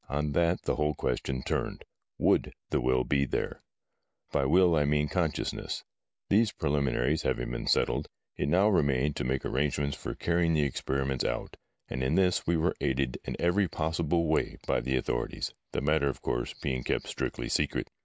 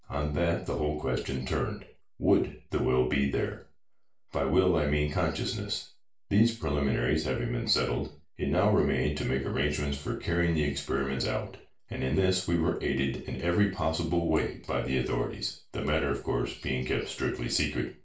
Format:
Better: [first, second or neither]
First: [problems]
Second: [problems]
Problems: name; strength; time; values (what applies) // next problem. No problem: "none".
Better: first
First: none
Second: room echo; dies away in 0.3 s